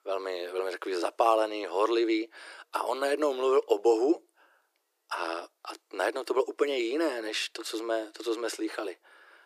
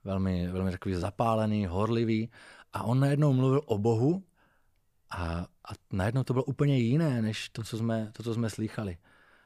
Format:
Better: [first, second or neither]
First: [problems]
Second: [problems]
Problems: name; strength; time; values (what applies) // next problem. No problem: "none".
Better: second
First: thin; very; fading below 300 Hz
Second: none